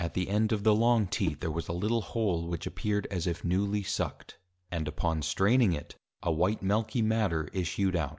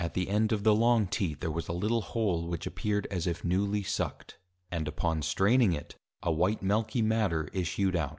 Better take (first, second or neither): second